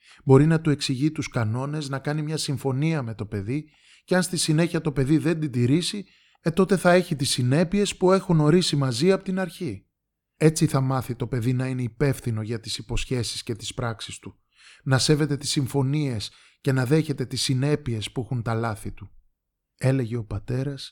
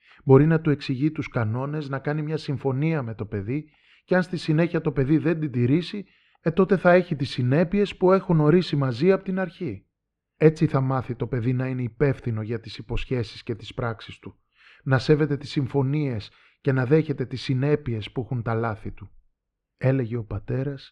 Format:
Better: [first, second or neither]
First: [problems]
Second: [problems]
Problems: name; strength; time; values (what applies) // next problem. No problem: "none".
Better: first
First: none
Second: muffled; slightly; fading above 2.5 kHz